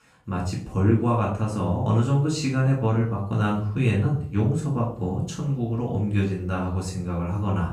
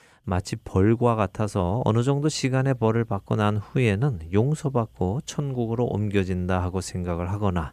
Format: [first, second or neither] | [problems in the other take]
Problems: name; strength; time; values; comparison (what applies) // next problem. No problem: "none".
second | off-mic speech; far // room echo; noticeable; dies away in 0.4 s